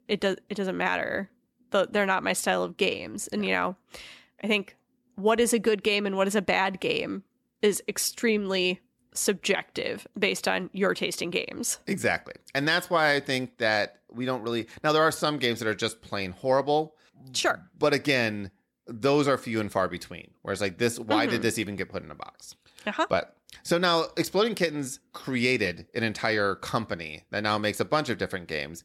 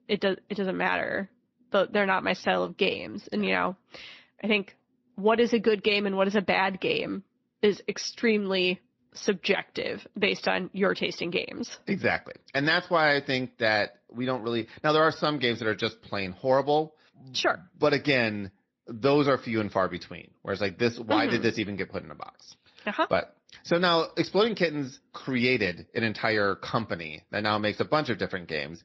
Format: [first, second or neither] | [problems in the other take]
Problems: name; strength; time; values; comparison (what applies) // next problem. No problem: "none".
first | garbled, watery; slightly